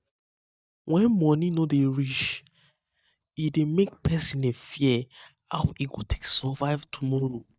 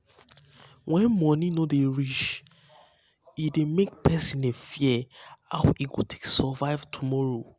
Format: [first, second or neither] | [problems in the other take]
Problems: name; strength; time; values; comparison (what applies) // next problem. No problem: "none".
second | noise reduction (neural mask model DeepFilterNet 3)